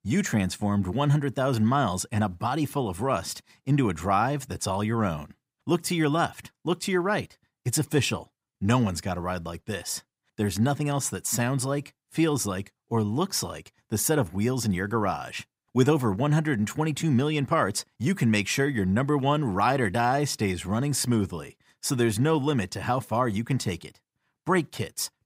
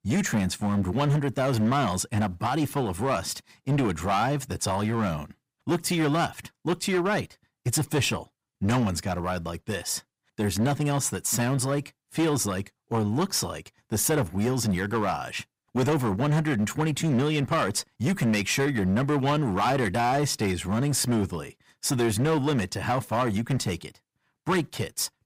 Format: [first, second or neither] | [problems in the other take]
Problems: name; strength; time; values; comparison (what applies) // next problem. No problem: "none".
first | distortion; slight; 11% of the sound clipped